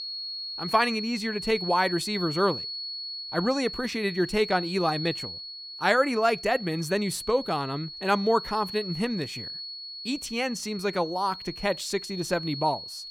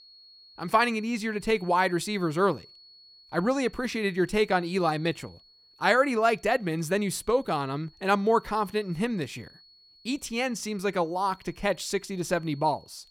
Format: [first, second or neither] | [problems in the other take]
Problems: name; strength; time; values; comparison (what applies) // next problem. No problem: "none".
second | high-pitched whine; loud; throughout; 4.5 kHz, 8 dB below the speech; faint in the second